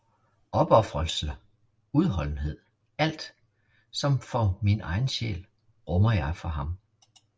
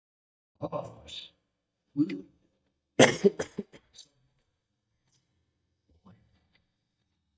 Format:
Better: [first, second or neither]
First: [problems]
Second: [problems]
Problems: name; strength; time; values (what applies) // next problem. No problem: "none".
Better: first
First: none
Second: noise reduction (neural mask model DeepFilterNet 3)